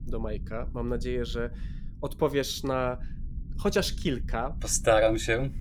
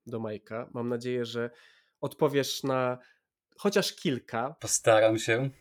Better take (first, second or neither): second